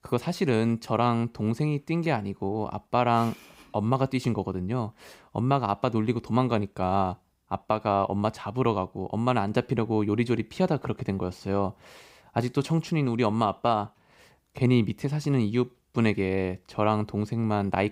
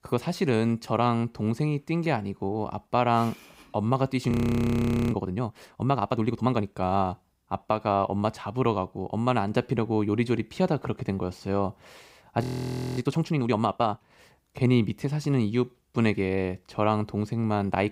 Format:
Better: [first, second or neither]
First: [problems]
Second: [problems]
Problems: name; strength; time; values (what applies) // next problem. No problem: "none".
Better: first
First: none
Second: audio freezing; at 4.5 s for 1 s and at 12 s for 0.5 s